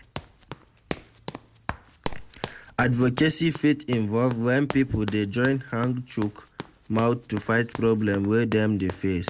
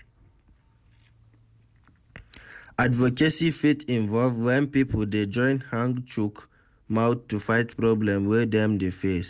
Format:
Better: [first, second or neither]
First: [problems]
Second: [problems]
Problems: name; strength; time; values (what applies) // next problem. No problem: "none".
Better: second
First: background sound (Run); 14 dB below the speech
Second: none